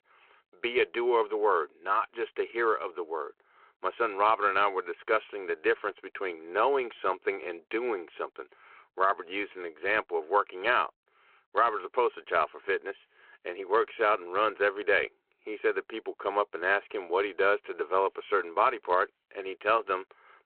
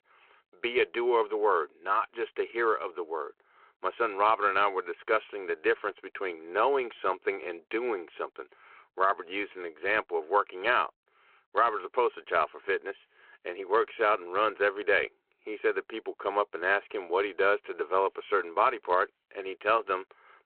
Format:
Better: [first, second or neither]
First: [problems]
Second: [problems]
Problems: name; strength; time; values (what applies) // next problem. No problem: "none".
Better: neither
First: phone-call audio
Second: phone-call audio